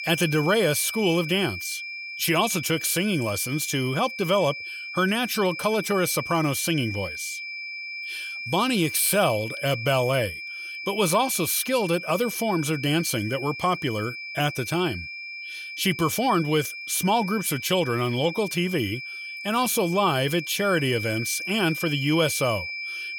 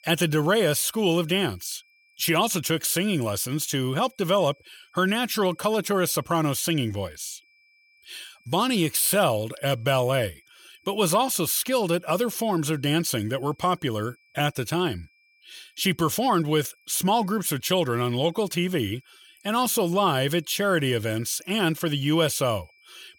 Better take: second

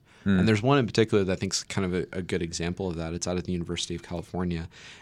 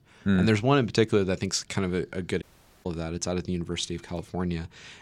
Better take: first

